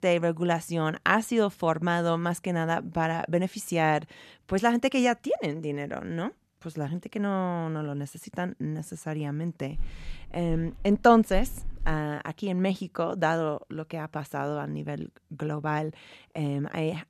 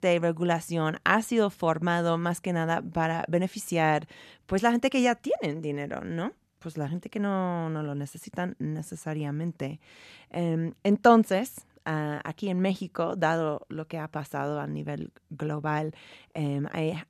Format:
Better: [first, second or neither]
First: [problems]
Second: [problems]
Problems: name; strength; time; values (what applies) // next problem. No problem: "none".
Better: second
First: footsteps; faint; from 10 to 12 s; peak 10 dB below the speech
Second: none